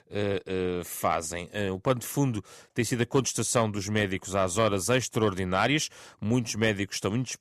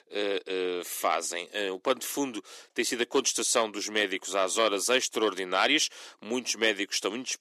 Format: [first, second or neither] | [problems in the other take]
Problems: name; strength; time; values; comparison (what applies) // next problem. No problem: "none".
first | thin; somewhat; fading below 300 Hz